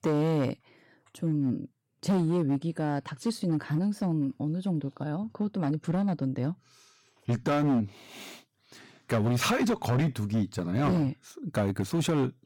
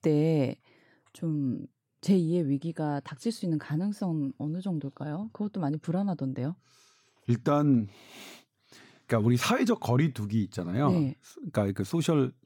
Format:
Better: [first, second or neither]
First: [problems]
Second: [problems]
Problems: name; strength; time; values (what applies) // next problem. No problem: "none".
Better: second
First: distortion; slight; 9% of the sound clipped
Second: none